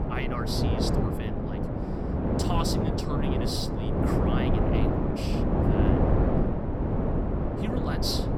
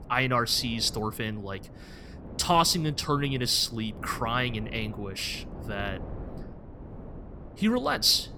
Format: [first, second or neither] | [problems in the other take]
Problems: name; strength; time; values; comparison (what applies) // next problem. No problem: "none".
second | wind noise on the microphone; heavy; 4 dB above the speech; occasional gusts in the second